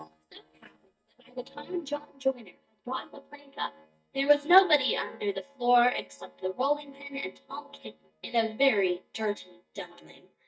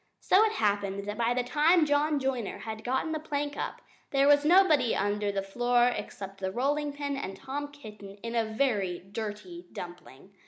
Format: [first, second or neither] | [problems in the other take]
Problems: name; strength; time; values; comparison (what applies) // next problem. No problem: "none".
second | noise reduction (neural mask model DeepFilterNet 3)